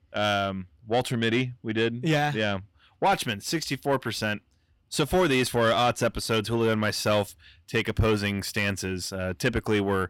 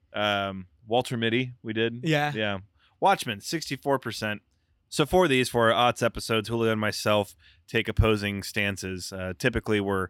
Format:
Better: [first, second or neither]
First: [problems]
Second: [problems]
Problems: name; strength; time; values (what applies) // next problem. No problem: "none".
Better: second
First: distortion; slight; 10 dB below the speech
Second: none